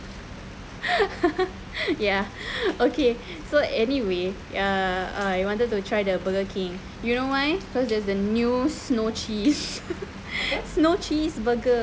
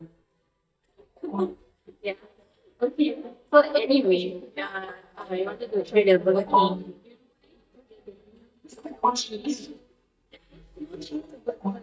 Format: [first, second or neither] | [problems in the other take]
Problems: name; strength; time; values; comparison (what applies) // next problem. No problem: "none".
first | noise reduction (neural mask model DeepFilterNet 3)